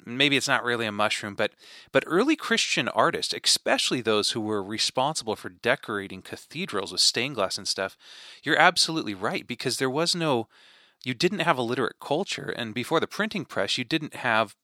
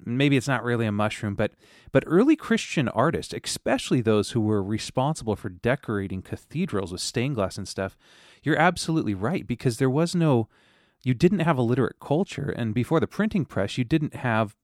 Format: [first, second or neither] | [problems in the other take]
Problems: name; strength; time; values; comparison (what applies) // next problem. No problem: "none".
second | thin; somewhat; fading below 850 Hz